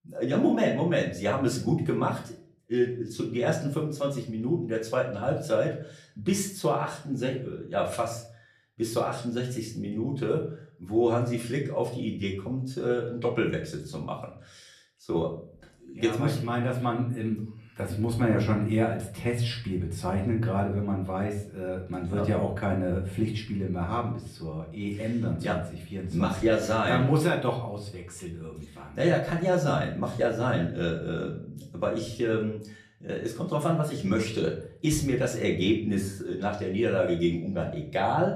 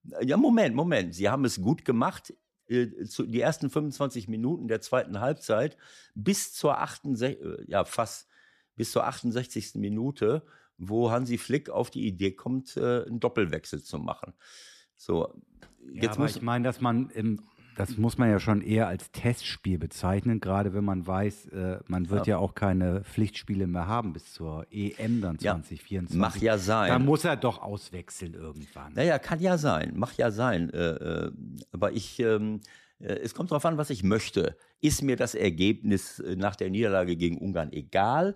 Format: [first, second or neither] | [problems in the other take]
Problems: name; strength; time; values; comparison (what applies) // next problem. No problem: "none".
second | room echo; slight; dies away in 0.4 s // off-mic speech; far